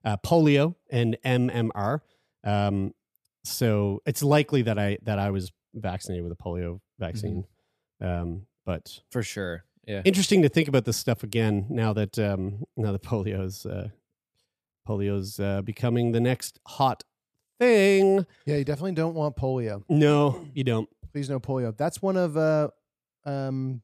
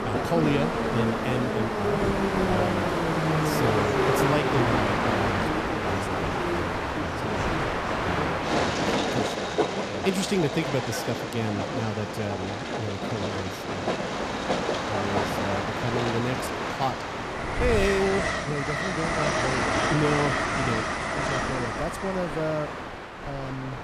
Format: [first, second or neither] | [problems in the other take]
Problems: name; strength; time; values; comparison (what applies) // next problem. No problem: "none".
first | train or aircraft noise; very loud; throughout; 4 dB above the speech